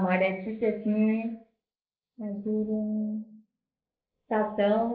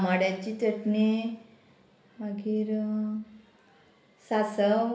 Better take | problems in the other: second | noise reduction (neural mask model Resemble Enhance denoiser)

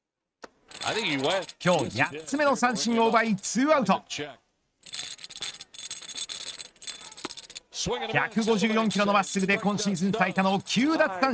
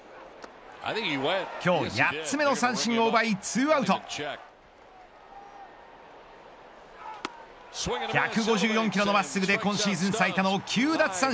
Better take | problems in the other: second | noise reduction (neural mask model RNNoise)

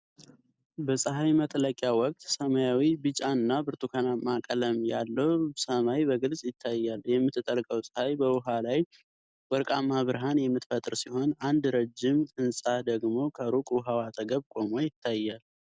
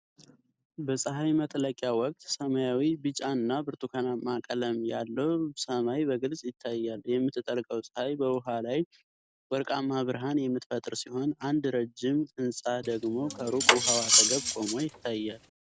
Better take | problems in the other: first | background sound (Cutlery, silverware); 3 dB above the speech

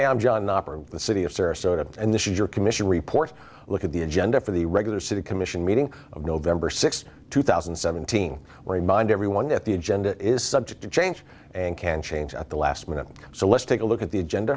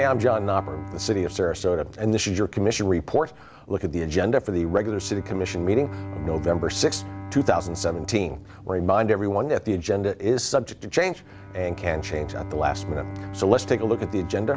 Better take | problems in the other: first | background sound (Bowed string instrument); 13 dB below the speech

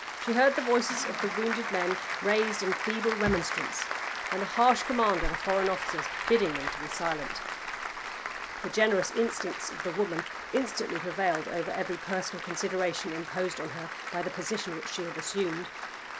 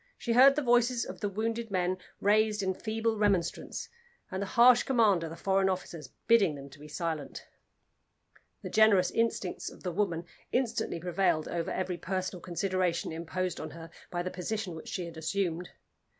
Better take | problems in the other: second | background sound (Applause); 5 dB below the speech

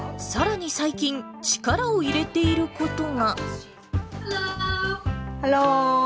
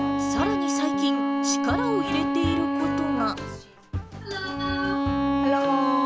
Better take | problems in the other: first | background sound (Bowed string instrument); 3 dB above the speech

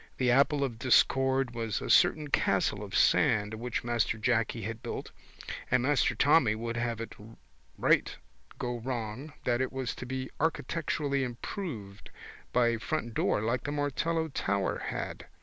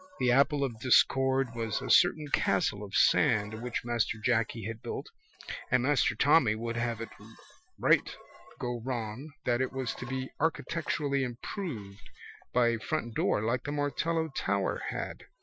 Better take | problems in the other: first | noise reduction (classical method Wiener filter)

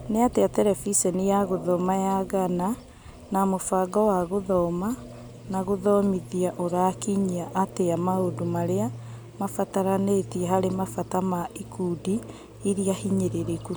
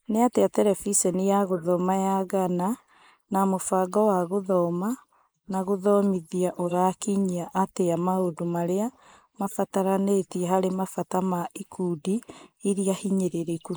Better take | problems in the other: first | noise reduction (neural mask model Resemble Enhance denoiser)

